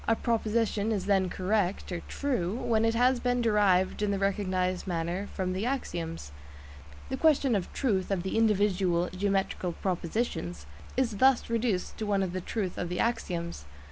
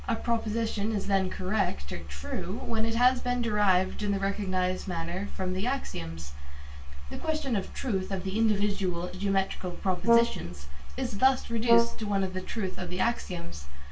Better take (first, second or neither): first